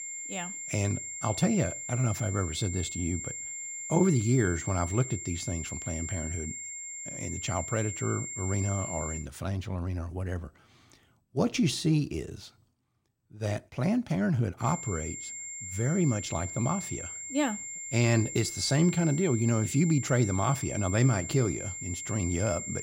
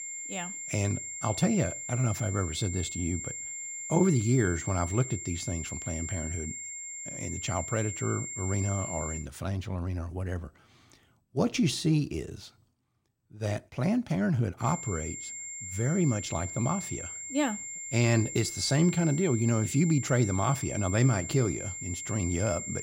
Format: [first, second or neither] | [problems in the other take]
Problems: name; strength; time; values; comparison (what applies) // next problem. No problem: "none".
neither | high-pitched whine; loud; until 9 s and from 15 s on; 7.5 kHz, 7 dB below the speech; the same in both